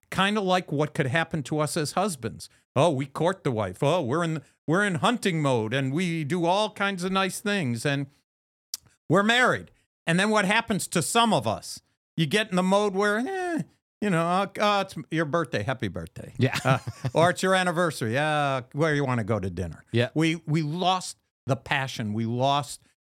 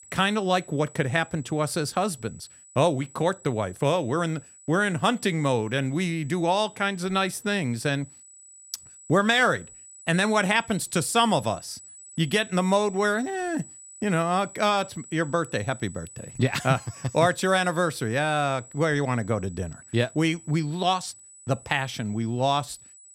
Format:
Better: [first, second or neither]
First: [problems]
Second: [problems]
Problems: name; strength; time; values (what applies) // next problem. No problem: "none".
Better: first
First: none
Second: high-pitched whine; noticeable; throughout; 8 kHz, 20 dB below the speech